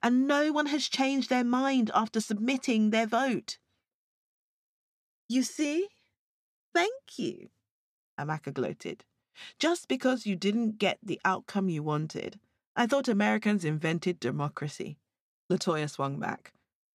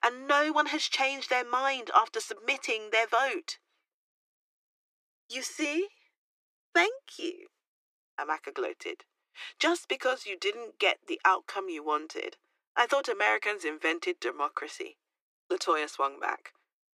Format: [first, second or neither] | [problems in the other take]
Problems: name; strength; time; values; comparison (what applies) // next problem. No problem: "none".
first | thin; very; fading below 300 Hz